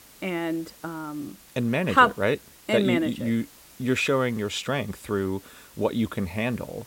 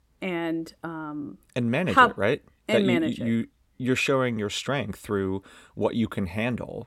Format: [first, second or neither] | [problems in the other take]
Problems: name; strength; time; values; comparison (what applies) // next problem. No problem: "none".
second | hiss; faint; throughout; 25 dB below the speech